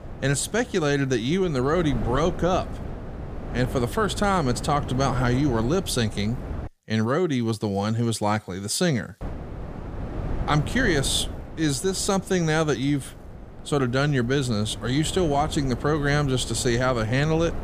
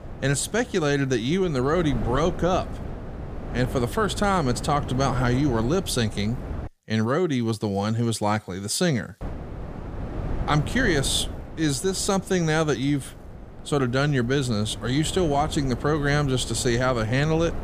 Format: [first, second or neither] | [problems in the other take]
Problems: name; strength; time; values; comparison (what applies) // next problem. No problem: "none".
neither | wind noise on the microphone; occasional gusts; until 6.5 s and from 9 s on; 15 dB below the speech; the same in both